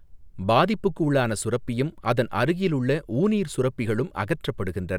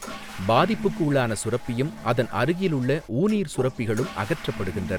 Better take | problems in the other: first | background sound (Toilet flush / Water); 14 dB below the speech

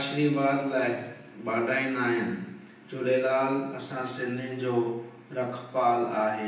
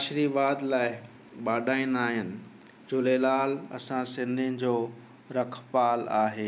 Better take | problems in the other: second | room echo; dies away in 0.9 s

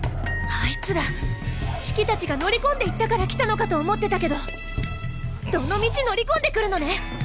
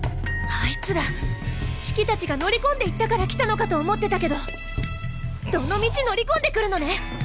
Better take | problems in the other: second | background sound (Growling); 20 dB below the speech

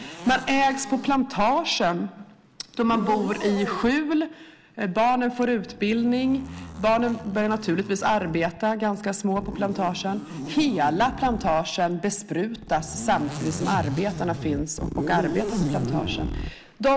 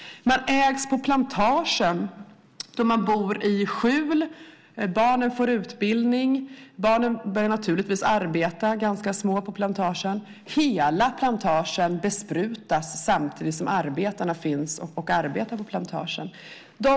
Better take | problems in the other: second | background sound (Zipper (clothing)); 9 dB below the speech

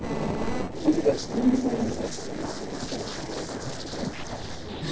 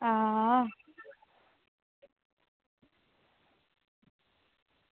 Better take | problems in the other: second | noise reduction (neural separator model SepFormer DNS4)

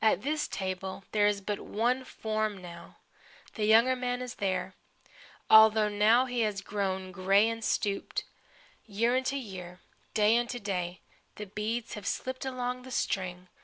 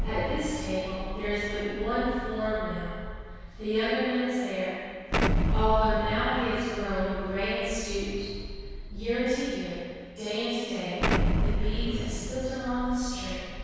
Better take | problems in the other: first | background sound (Explosion); 1 dB below the speech // room echo; dies away in 2 s

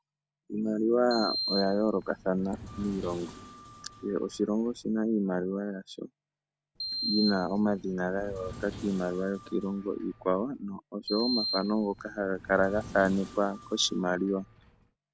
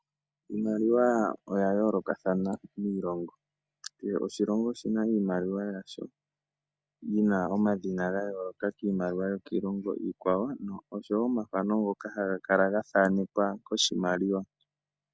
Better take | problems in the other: second | background sound (Sliding door); 10 dB below the speech

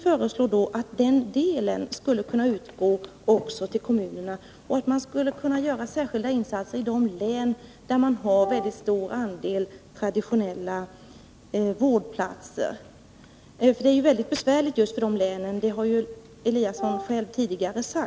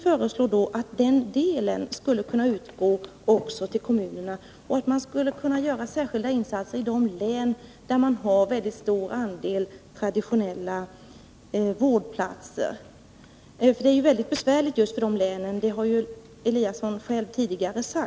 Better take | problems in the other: second | background sound (Wind instrument, woodwind instrument); 9 dB below the speech

